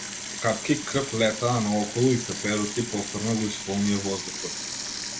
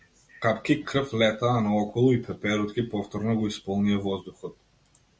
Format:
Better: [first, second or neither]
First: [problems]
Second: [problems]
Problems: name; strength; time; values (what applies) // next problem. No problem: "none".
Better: second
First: background sound (Sink (filling or washing) / Water tap, faucet); 7 dB below the speech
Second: none